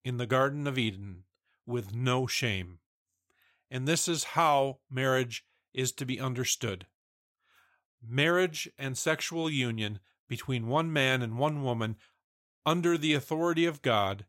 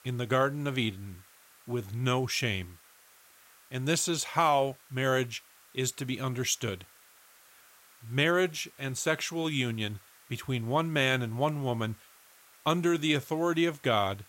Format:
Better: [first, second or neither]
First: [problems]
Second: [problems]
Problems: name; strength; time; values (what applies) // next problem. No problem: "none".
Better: first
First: none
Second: hiss; faint; throughout; 25 dB below the speech